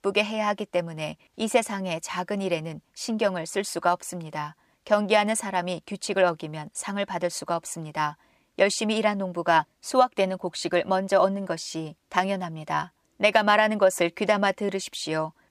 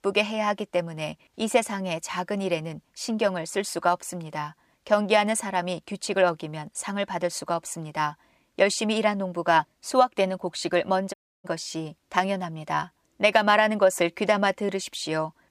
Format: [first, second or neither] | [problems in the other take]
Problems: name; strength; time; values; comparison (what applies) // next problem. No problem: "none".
first | audio cutting out; at 11 s